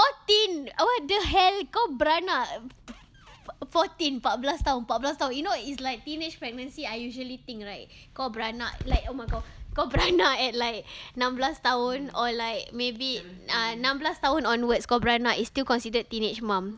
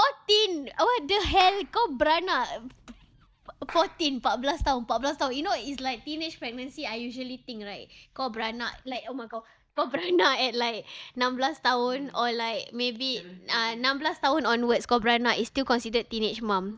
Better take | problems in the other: first | noise reduction (neural mask model DeepFilterNet 3)

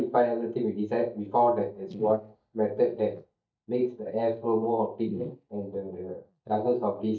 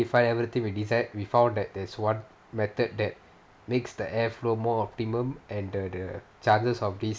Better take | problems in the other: second | noise reduction (neural mask model DeepFilterNet 3)

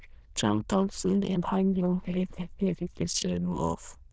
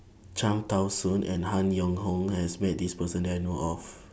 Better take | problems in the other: second | noise reduction (neural diffusion model UNIVERSE++)

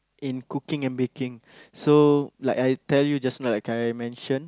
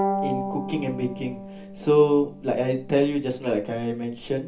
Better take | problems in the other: first | background sound (Bowed string instrument); 8 dB below the speech // room echo; dies away in 0.3 s

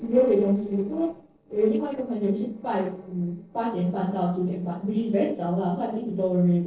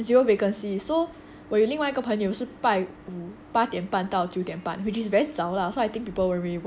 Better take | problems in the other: second | noise reduction (neural separator model SepFormer DNS4)

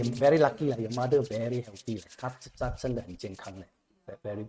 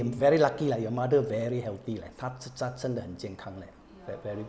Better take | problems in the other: second | noise reduction (neural mask model RNNoise)

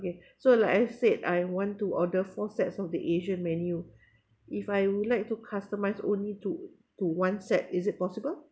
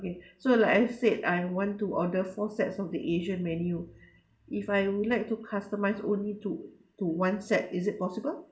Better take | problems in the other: first | room echo; dies away in 0.4 s

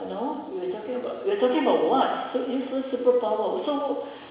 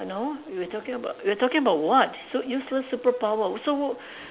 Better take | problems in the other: second | room echo; dies away in 1 s

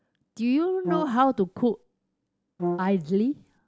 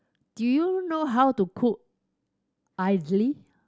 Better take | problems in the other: second | background sound (Brass instrument); 7 dB below the speech

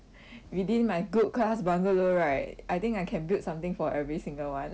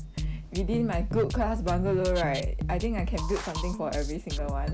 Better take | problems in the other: first | background sound (Drum kit); 1 dB below the speech

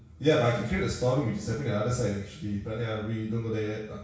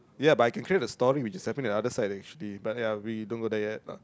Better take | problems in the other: second | room echo; dies away in 0.6 s

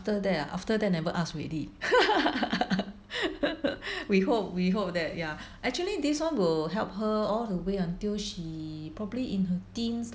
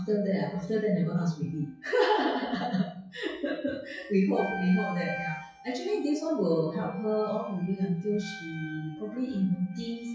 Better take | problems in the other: first | noise reduction (classical method WPE with log-MMSE)

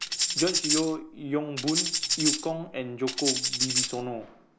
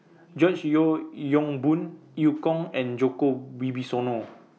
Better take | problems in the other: second | background sound (Tambourine); 1 dB above the speech

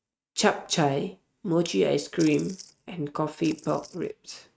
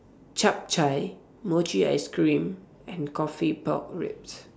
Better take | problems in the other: second | noise reduction (neural mask model RNNoise)

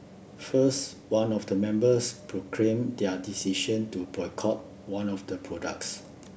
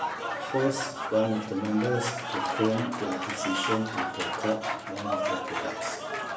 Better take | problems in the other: first | background sound (Applause / Crowd); 2 dB below the speech // room echo; dies away in 0.7 s

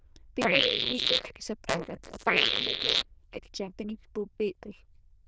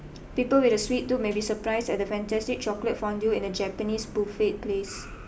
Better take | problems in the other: second | noise reduction (neural diffusion model UNIVERSE++)

